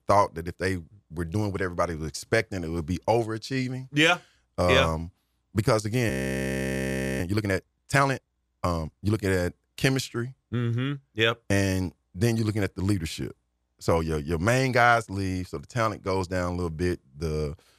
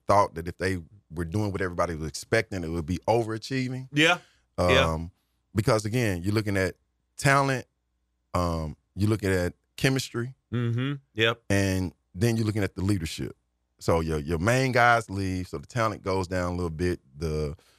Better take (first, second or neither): second